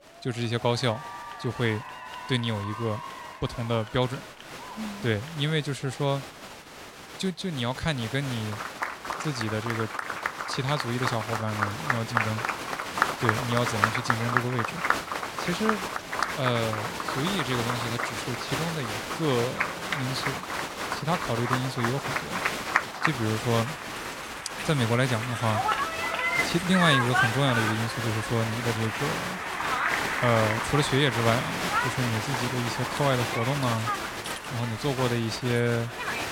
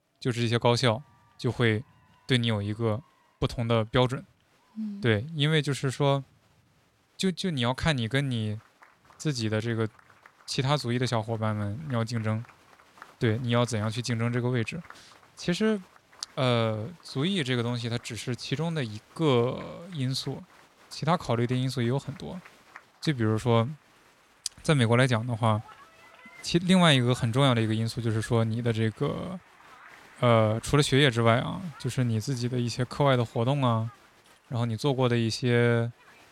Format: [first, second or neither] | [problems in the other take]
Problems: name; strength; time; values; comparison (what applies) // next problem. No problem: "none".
second | crowd noise; loud; throughout; 1 dB below the speech; faint in the second